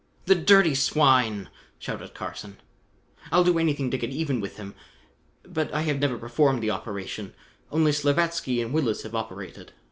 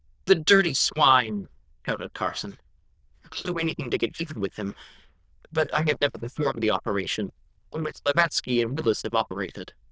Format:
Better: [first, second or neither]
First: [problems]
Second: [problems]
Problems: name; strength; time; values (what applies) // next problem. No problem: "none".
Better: first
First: none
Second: noise reduction (neural diffusion model UNIVERSE++)